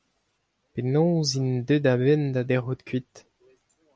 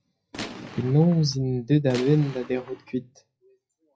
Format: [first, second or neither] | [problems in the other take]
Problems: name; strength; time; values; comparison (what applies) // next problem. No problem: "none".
first | noise reduction (classical method WPE with log-MMSE)